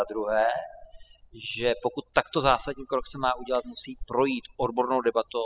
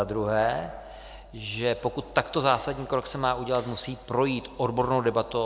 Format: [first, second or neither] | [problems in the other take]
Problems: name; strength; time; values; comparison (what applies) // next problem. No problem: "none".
second | noise reduction (classical method spectral subtraction)